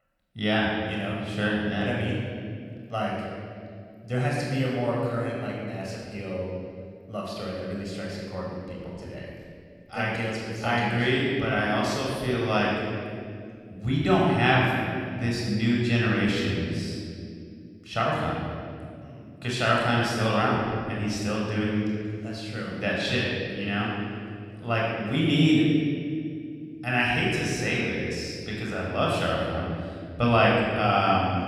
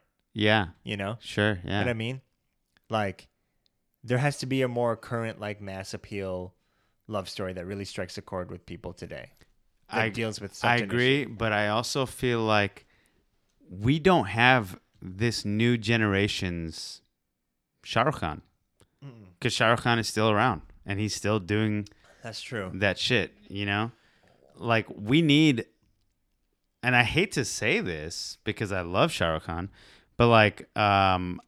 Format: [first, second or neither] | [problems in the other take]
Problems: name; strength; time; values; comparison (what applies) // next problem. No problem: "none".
second | off-mic speech; far // room echo; strong; dies away in 2.2 s